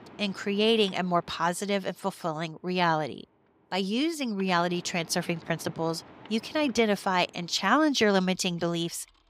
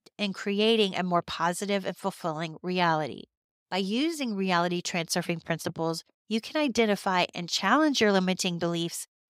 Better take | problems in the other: second | machinery noise; faint; throughout; 25 dB below the speech

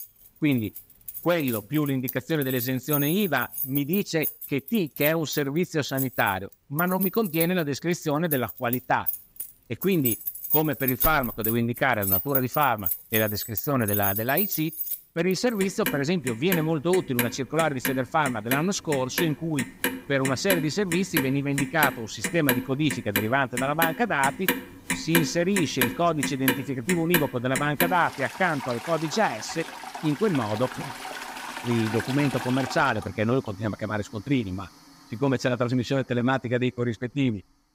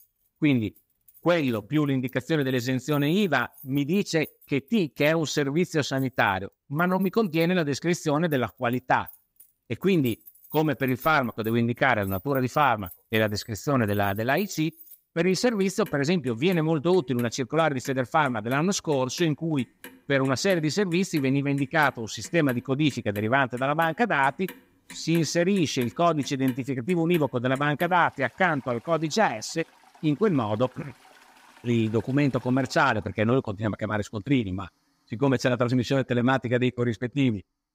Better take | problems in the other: second | household noises; loud; throughout; 4 dB below the speech; faint in the second

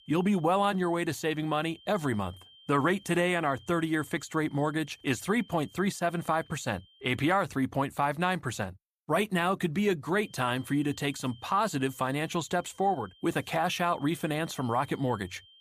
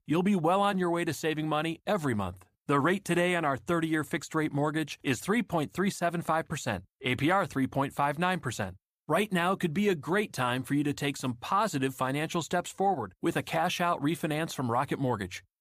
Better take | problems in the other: second | high-pitched whine; faint; until 7.5 s and from 10 s on; 3 kHz, 25 dB below the speech

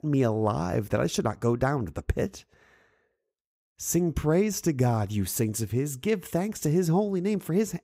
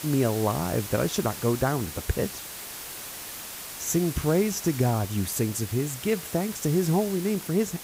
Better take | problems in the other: first | hiss; loud; throughout; 9 dB below the speech

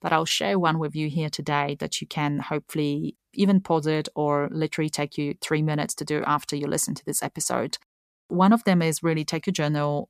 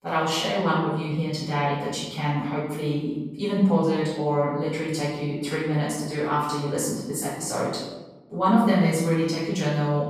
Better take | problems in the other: first | room echo; noticeable; dies away in 1 s // off-mic speech; far

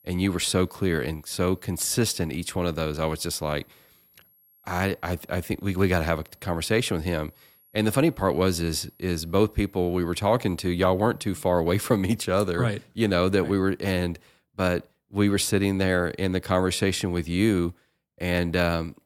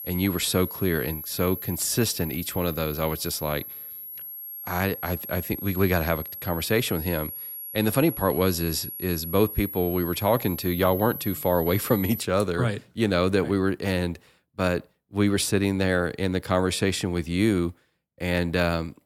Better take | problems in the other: first | high-pitched whine; loud; until 12 s; 11.5 kHz, 8 dB below the speech; faint in the first

